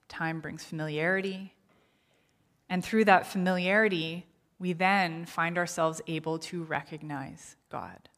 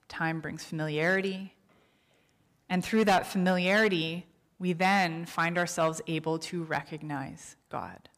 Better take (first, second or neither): first